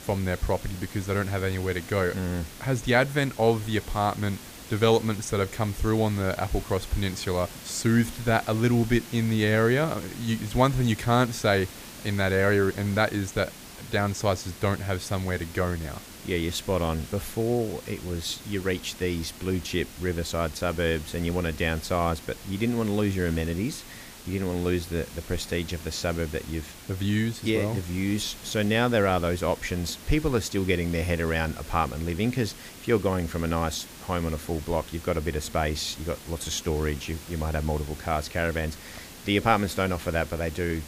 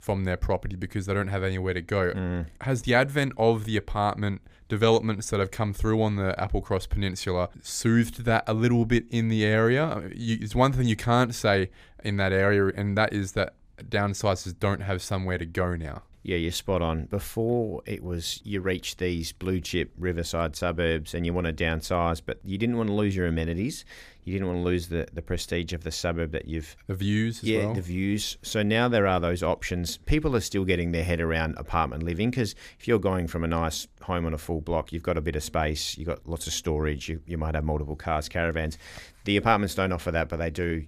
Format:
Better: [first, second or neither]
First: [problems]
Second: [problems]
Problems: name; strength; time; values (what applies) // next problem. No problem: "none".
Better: second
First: hiss; noticeable; throughout; 15 dB below the speech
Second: none